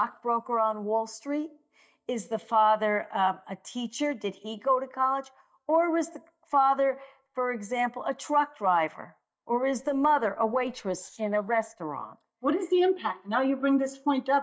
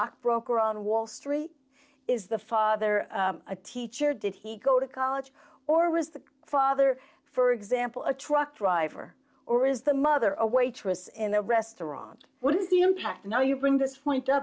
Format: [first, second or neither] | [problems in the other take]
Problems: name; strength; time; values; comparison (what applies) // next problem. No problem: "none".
second | noise reduction (neural mask model DeepFilterNet 3)